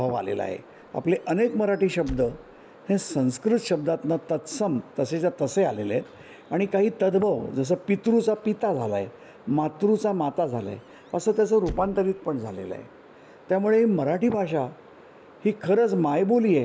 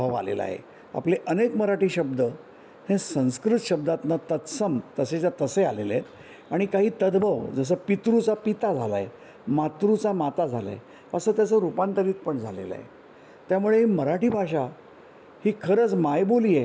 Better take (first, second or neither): second